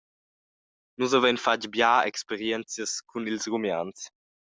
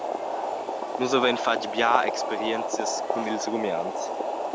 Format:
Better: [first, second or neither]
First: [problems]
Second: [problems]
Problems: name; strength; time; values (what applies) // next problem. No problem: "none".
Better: first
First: none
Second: background sound (Boiling); 1 dB below the speech